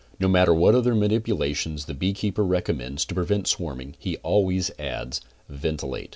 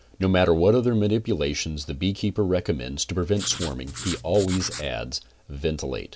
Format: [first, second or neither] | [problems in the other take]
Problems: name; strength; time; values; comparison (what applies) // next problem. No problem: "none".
first | background sound (Writing); 12 dB below the speech